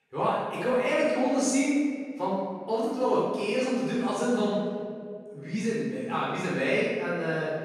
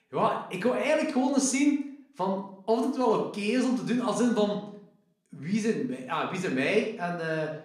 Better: second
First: room echo; strong; dies away in 1.7 s // off-mic speech; far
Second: room echo; slight; dies away in 0.5 s // off-mic speech; somewhat distant

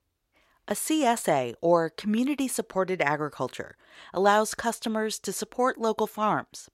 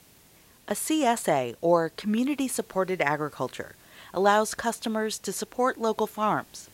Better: first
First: none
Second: hiss; faint; throughout; 30 dB below the speech

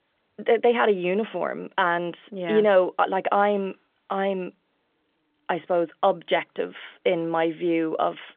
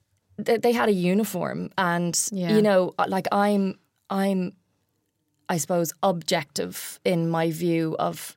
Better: second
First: phone-call audio; nothing above 3.5 kHz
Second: none

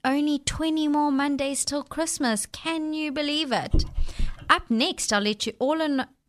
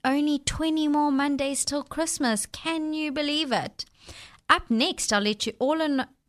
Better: second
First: dog barking; noticeable; at 3.5 s; peak 4 dB below the speech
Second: none

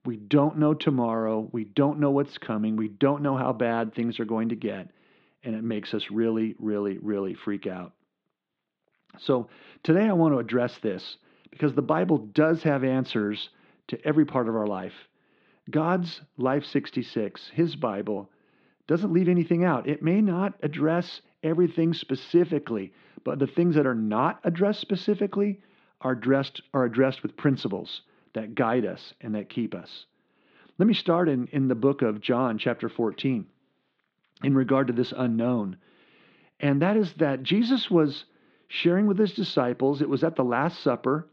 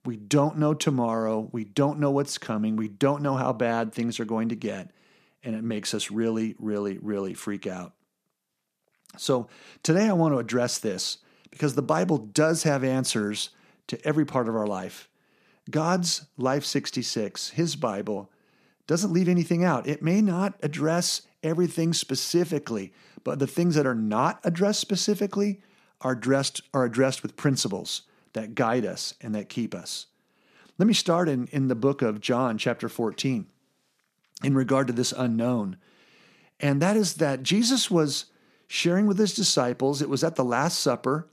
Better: second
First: muffled; very; fading above 3.5 kHz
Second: none

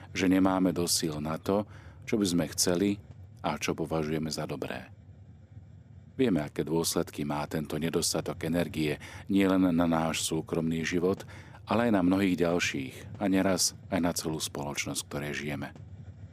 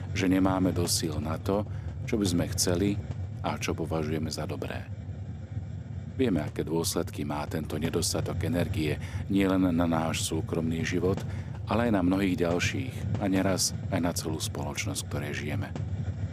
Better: first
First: hiss; faint; throughout; 20 dB below the speech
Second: hiss; loud; throughout; 7 dB below the speech

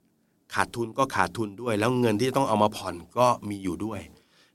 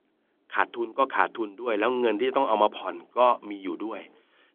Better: first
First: none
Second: phone-call audio; nothing above 3.5 kHz

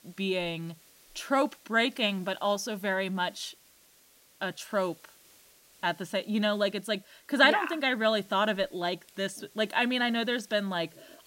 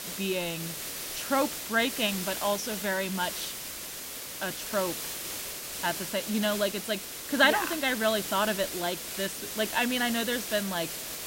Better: first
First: hiss; faint; throughout; 25 dB below the speech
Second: hiss; loud; throughout; 5 dB below the speech

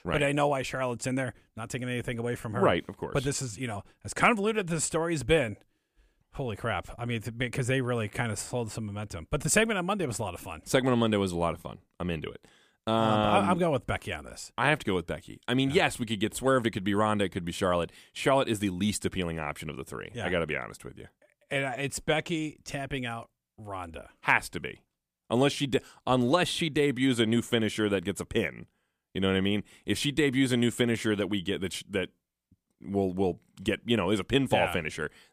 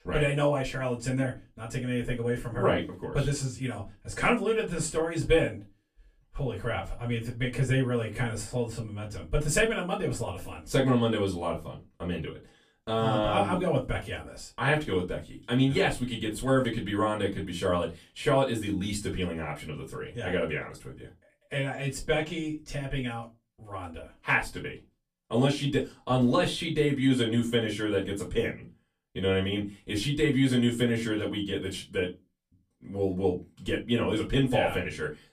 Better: first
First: none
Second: off-mic speech; far // room echo; very slight; dies away in 0.2 s

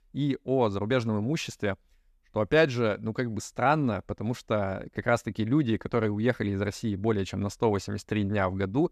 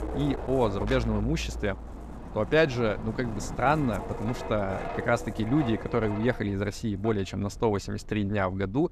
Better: first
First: none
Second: wind noise on the microphone; heavy; 10 dB below the speech

